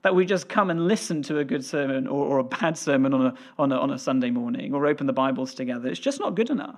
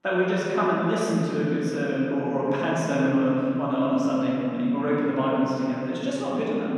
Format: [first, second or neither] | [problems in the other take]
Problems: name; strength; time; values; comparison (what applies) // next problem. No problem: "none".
first | room echo; strong; dies away in 3 s // off-mic speech; far